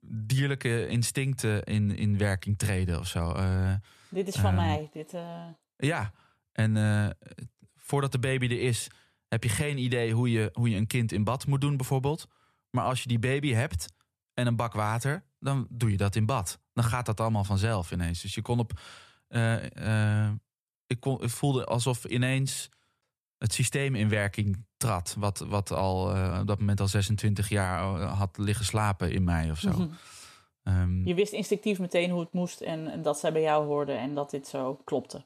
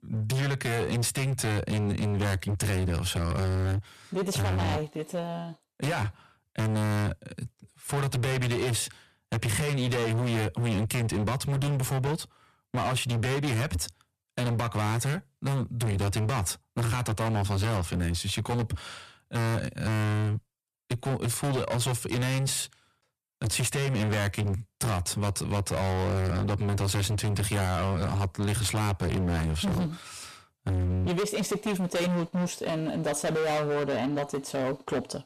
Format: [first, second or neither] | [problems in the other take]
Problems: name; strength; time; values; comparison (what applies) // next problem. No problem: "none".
first | distortion; heavy; 33% of the sound clipped